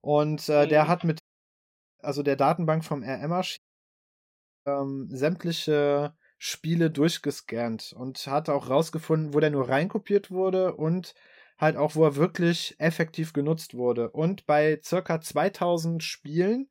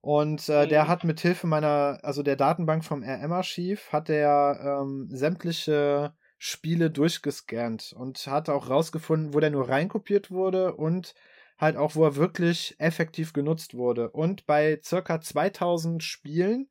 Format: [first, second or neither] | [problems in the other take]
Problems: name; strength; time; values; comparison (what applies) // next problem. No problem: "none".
second | audio cutting out; at 1 s for 1 s and at 3.5 s for 1 s